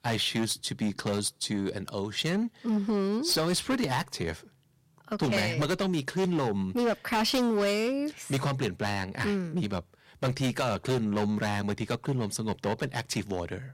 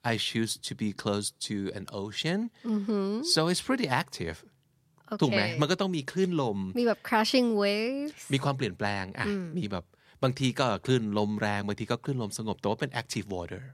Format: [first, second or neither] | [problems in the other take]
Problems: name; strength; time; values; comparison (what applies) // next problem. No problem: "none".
second | distortion; heavy; 10% of the sound clipped